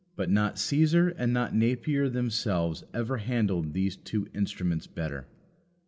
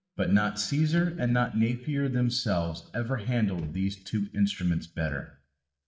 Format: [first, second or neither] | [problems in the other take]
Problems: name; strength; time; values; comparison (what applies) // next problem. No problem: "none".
first | noise reduction (neural mask model DeepFilterNet 3)